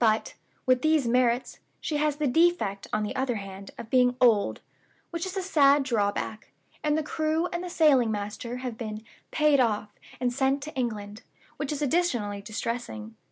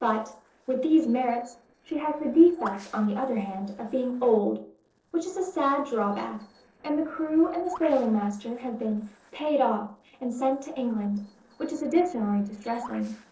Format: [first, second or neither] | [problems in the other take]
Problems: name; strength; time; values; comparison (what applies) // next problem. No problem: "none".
first | noise reduction (neural separator model SepFormer DNS4)